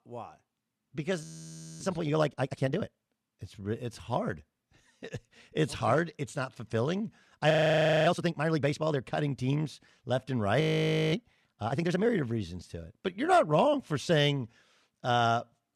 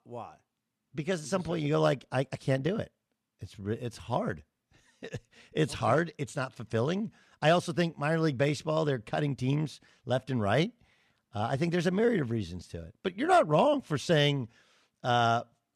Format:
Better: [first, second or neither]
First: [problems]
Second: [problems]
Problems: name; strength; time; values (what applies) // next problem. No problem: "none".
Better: second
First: audio freezing; at 1 s for 0.5 s, at 7.5 s for 0.5 s and at 11 s for 0.5 s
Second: none